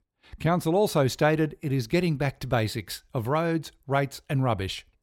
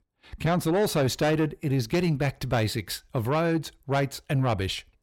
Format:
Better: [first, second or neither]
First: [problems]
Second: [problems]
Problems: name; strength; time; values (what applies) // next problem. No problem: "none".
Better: first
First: none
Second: distortion; slight; 10 dB below the speech